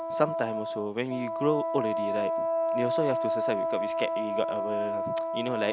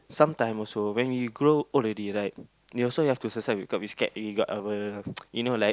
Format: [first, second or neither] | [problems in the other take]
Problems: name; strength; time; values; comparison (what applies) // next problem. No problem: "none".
second | background sound (Wind instrument, woodwind instrument); 2 dB above the speech